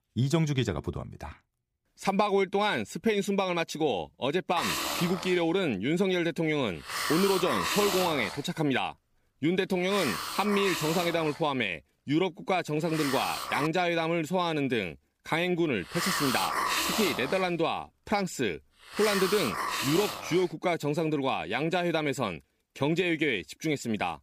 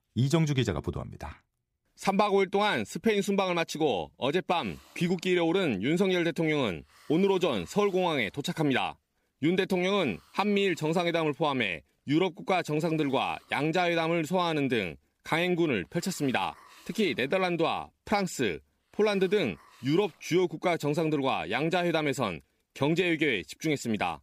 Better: second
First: hiss; loud; from 4.5 to 14 s and from 15 to 21 s; 3 dB below the speech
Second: hiss; faint; from 4.5 to 14 s and from 15 to 21 s; 30 dB below the speech

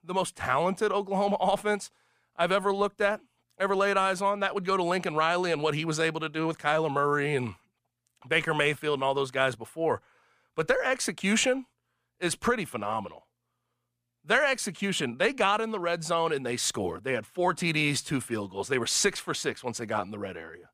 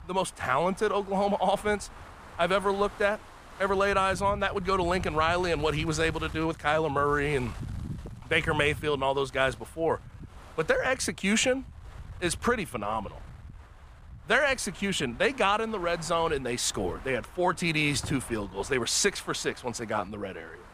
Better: first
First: none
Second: wind noise on the microphone; occasional gusts; 20 dB below the speech

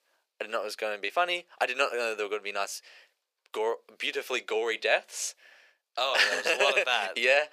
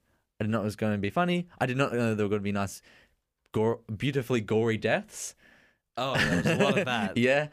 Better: second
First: thin; very; fading below 450 Hz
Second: none

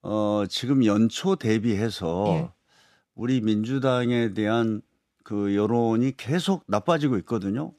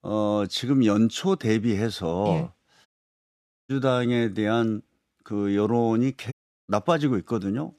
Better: first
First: none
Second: audio cutting out; at 3 s for 1 s and at 6.5 s

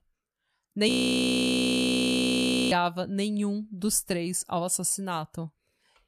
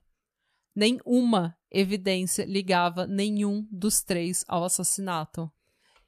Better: second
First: audio freezing; at 1 s for 2 s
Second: none

